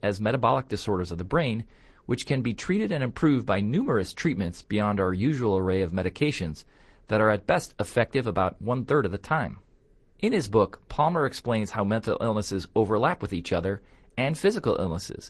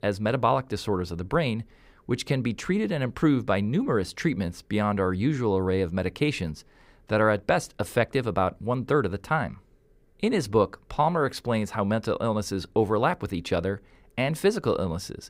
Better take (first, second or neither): second